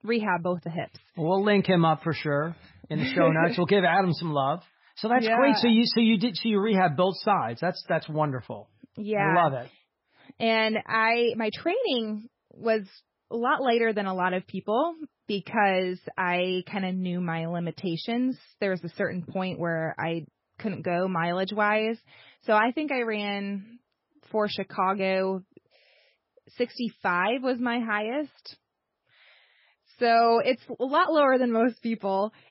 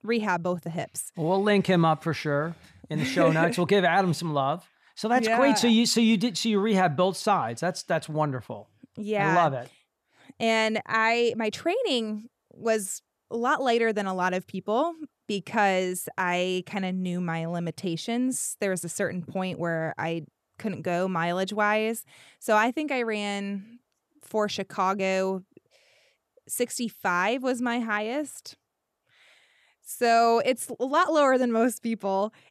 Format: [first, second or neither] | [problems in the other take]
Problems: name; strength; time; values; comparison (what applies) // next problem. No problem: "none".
second | garbled, watery; badly; nothing above 5.5 kHz